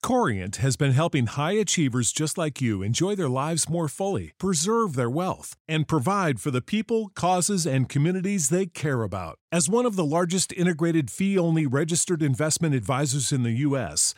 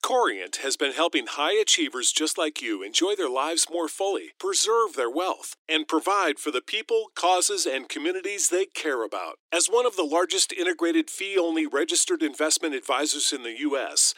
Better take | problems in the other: first | thin; very; fading below 300 Hz

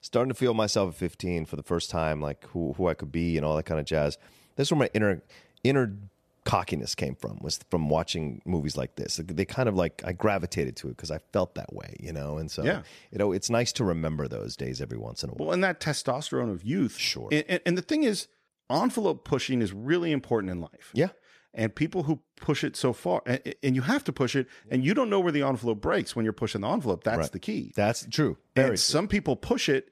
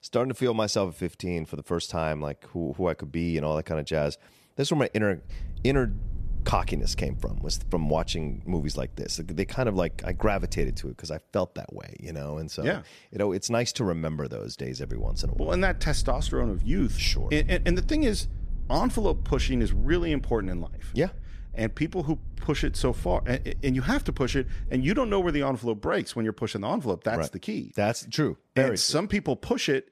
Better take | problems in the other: first | low rumble; faint; from 5.5 to 11 s and from 15 to 25 s; 25 dB below the speech

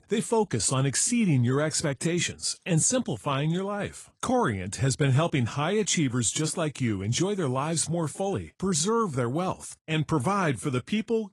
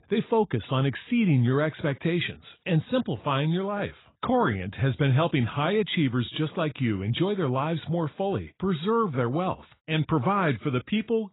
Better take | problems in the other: first | garbled, watery; badly; nothing above 4 kHz; slightly in the first

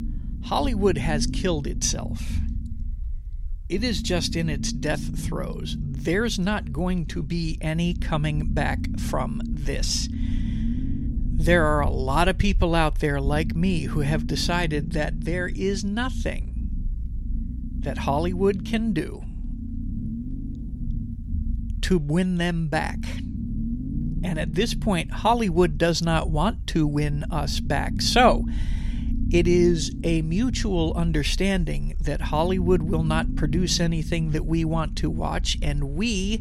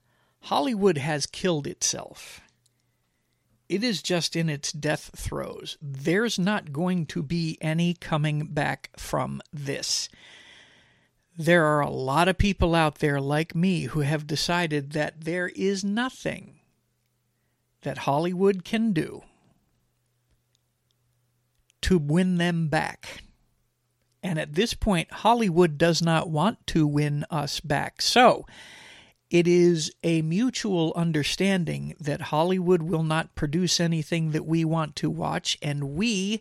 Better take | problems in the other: second | low rumble; noticeable; throughout; 15 dB below the speech

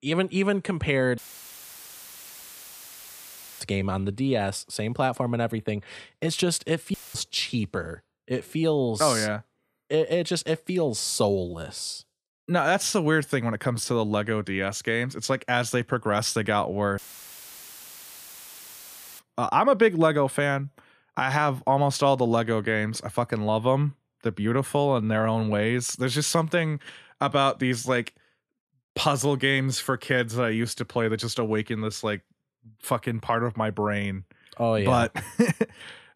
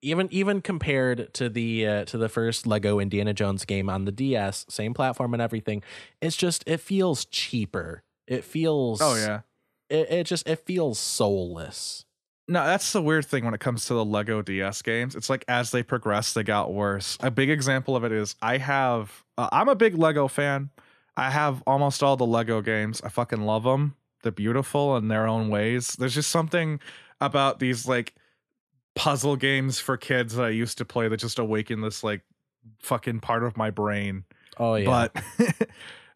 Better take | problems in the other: second | audio cutting out; filled with static; at 1 s for 2.5 s, at 7 s and at 17 s for 2 s

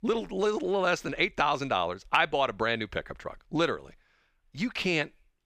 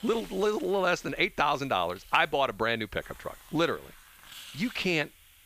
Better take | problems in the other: first | hiss; faint; throughout; 20 dB below the speech

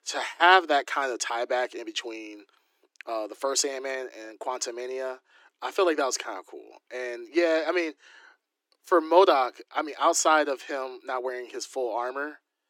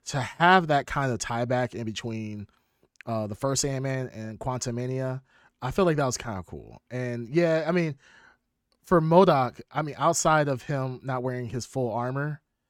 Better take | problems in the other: second | thin; very; fading below 300 Hz

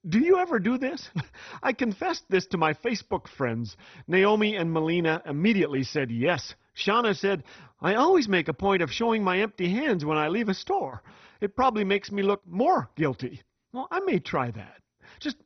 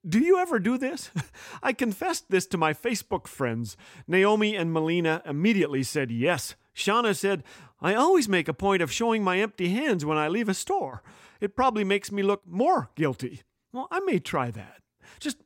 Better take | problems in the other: second | garbled, watery; badly; nothing above 6 kHz

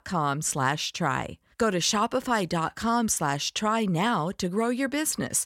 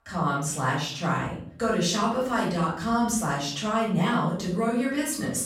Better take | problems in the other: first | off-mic speech; far // room echo; noticeable; dies away in 0.6 s

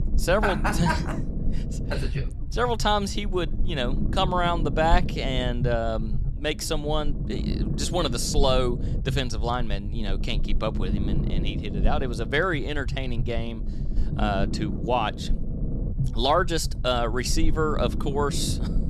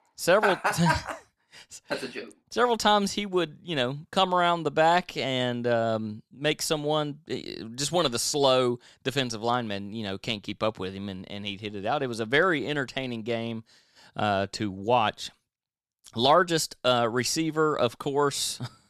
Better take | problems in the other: second | low rumble; noticeable; throughout; 15 dB below the speech

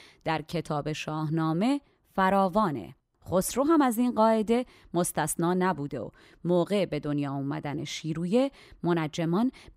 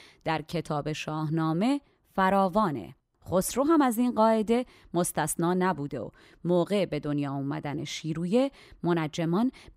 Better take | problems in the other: neither | none

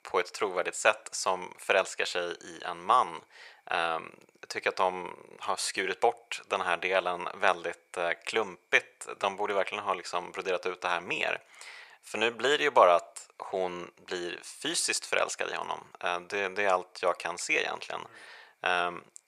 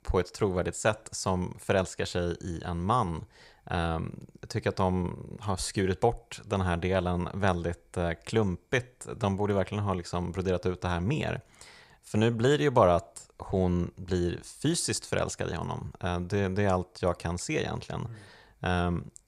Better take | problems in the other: second | thin; very; fading below 600 Hz

